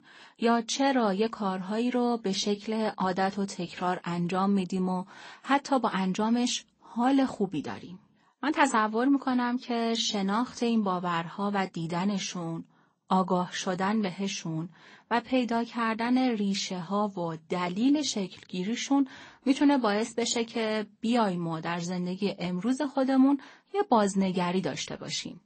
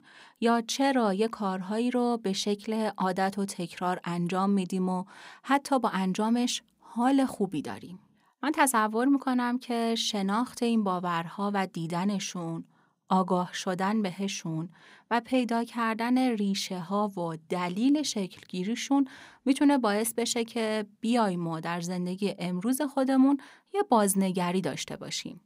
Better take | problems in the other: second | garbled, watery; slightly; nothing above 8 kHz

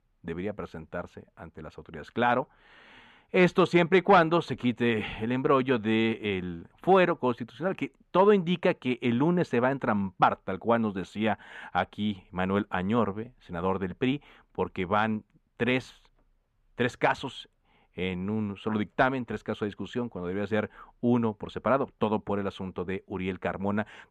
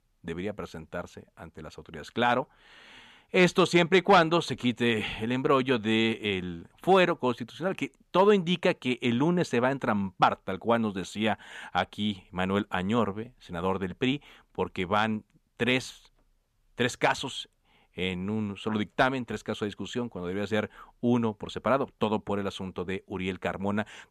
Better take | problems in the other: second | muffled; slightly; fading above 3.5 kHz

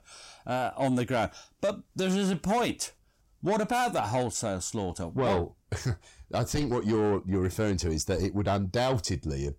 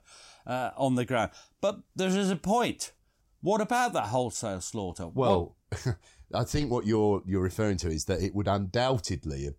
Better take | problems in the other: second | distortion; slight; 10 dB below the speech

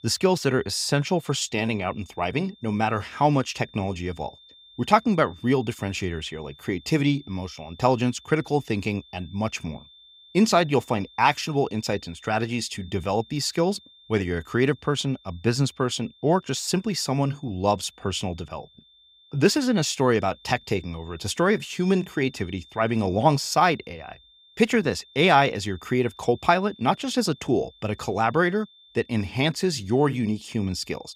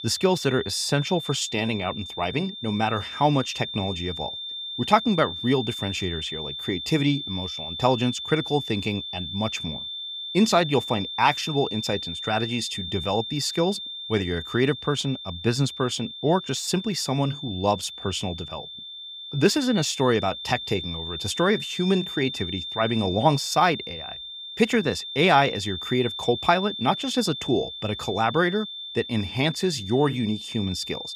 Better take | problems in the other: first | high-pitched whine; loud; throughout; 3.5 kHz, 8 dB below the speech; faint in the first

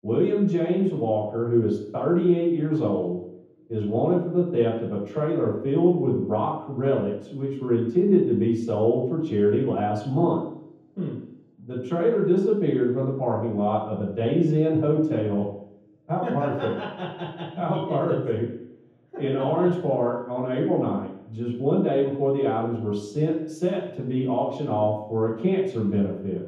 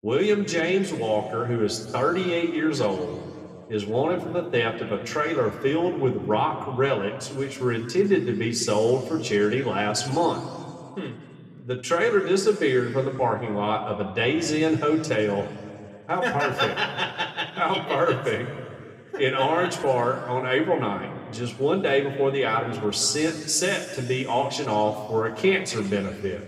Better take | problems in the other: second | room echo; strong; dies away in 0.9 s; slight in the second // off-mic speech; far

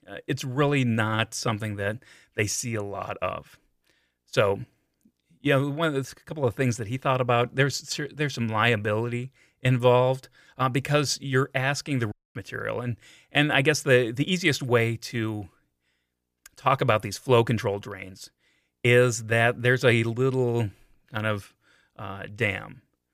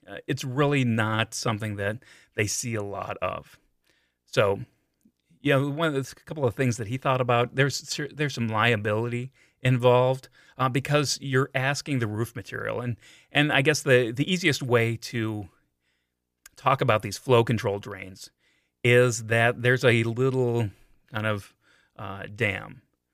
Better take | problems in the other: second | audio cutting out; at 12 s

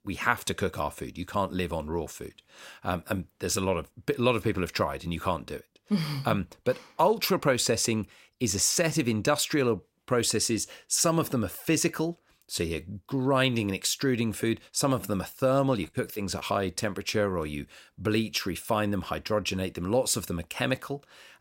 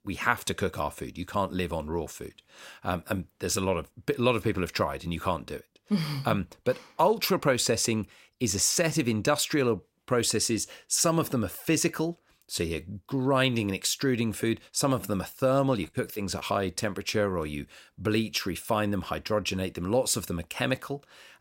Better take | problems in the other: neither | none

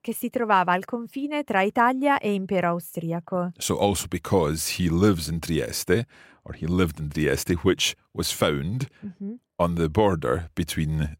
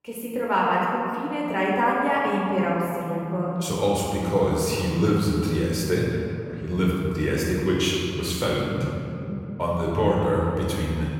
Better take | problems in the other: first | room echo; strong; dies away in 2.7 s // off-mic speech; far

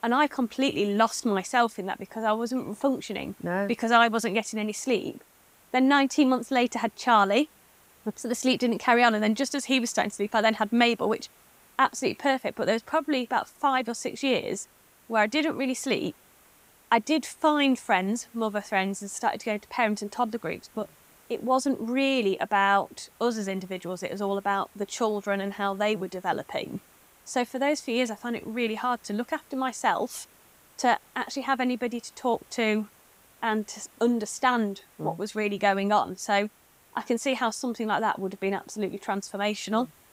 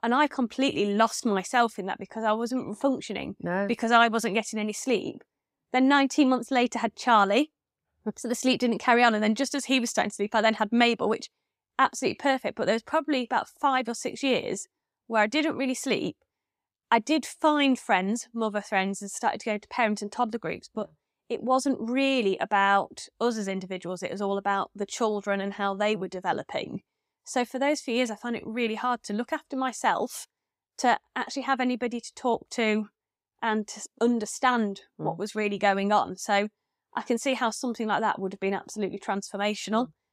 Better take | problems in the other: second | hiss; faint; throughout; 30 dB below the speech

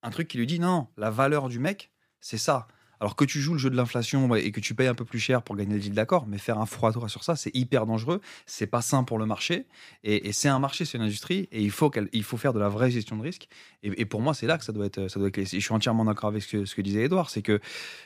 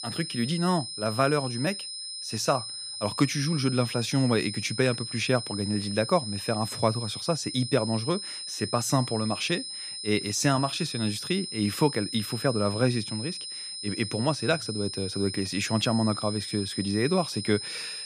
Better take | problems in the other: first | high-pitched whine; loud; throughout; 5 kHz, 6 dB below the speech

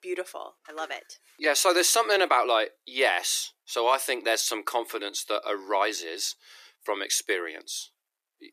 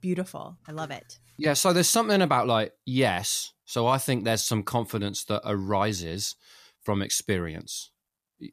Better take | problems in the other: second | thin; very; fading below 350 Hz

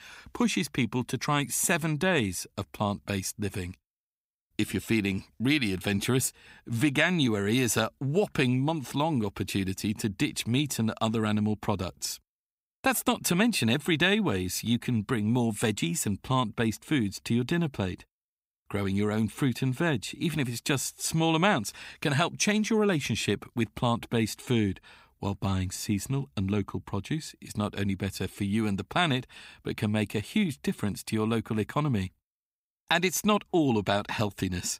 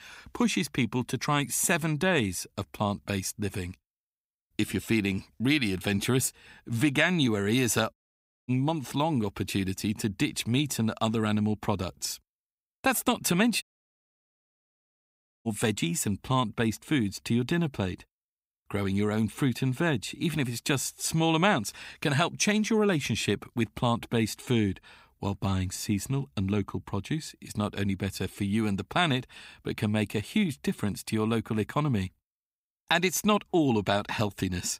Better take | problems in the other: first | audio cutting out; at 8 s for 0.5 s and at 14 s for 2 s

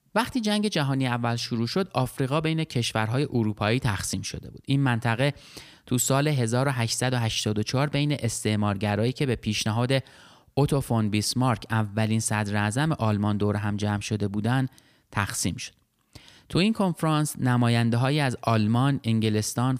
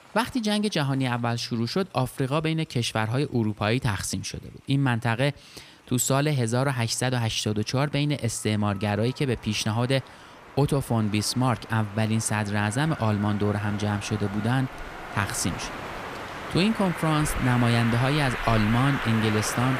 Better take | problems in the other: first | train or aircraft noise; loud; throughout; 9 dB below the speech

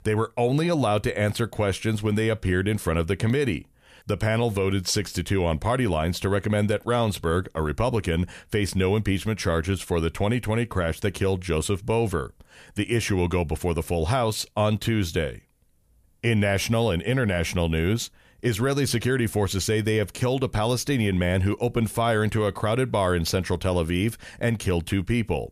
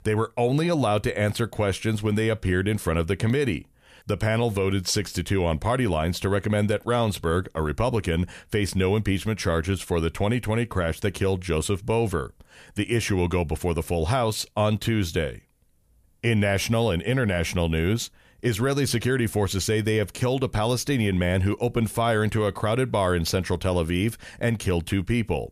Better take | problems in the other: neither | none

